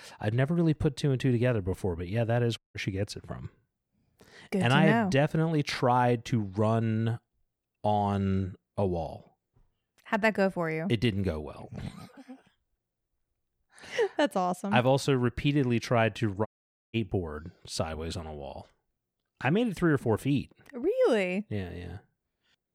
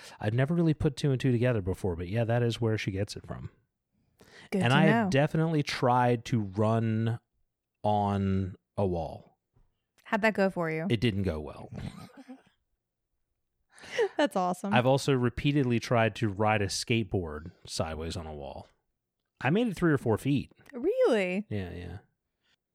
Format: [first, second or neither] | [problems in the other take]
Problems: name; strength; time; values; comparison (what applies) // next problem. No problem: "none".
second | audio cutting out; at 2.5 s and at 16 s